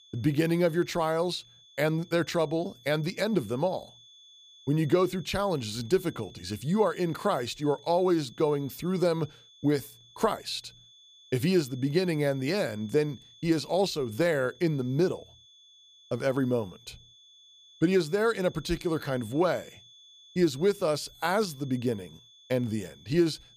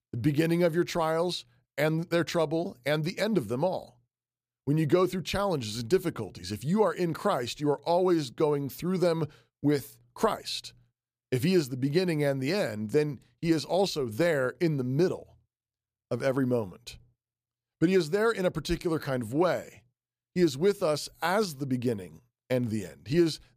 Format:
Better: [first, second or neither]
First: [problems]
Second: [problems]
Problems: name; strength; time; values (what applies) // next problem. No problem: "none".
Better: second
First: high-pitched whine; faint; throughout; 3.5 kHz, 25 dB below the speech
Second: none